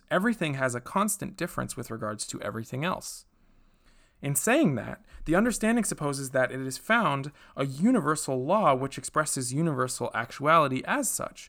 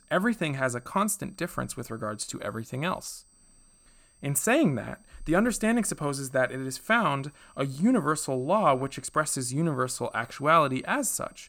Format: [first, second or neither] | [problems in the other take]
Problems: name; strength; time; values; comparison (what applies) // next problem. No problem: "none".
first | high-pitched whine; faint; throughout; 8.5 kHz, 30 dB below the speech